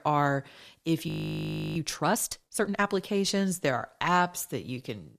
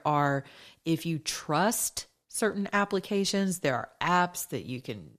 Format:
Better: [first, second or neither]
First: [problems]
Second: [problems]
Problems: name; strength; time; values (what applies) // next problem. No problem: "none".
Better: second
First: audio freezing; at 1 s for 0.5 s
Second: none